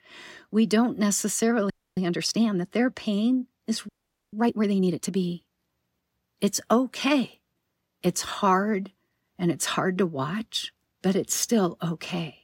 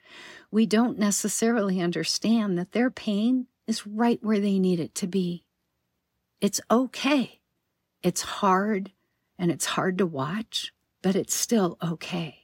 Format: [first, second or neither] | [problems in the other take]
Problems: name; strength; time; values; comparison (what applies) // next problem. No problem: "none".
second | audio freezing; at 1.5 s and at 4 s